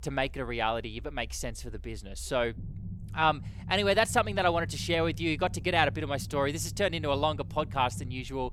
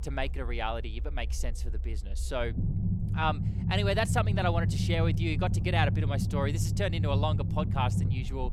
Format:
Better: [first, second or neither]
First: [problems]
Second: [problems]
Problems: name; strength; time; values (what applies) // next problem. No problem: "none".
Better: first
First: low rumble; faint; throughout; 25 dB below the speech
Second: low rumble; loud; throughout; 9 dB below the speech